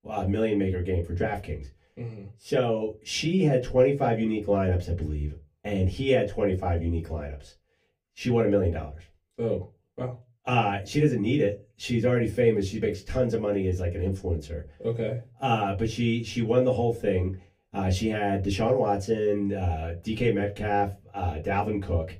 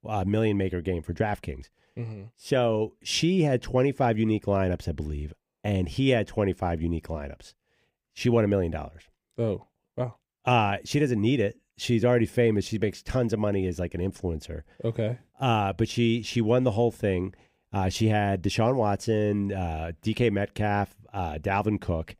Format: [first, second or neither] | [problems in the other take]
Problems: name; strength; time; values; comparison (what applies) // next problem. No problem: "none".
second | off-mic speech; far // room echo; very slight; dies away in 0.2 s